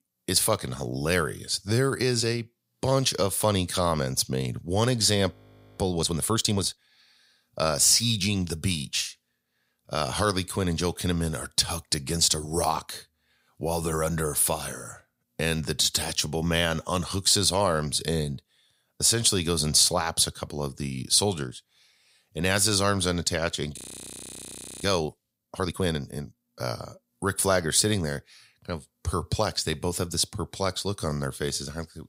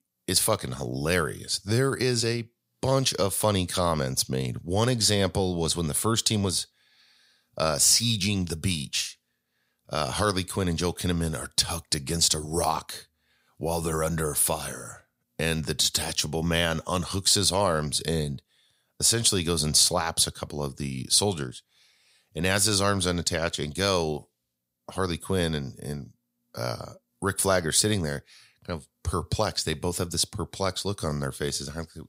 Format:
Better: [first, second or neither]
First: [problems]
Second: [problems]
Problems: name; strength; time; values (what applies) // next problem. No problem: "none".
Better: second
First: audio freezing; at 5.5 s and at 24 s for 1 s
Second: none